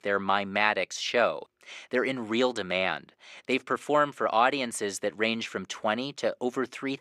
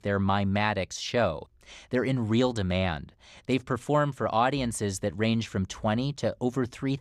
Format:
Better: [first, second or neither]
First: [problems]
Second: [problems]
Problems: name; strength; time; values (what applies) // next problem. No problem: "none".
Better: second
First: thin; somewhat; fading below 350 Hz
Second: none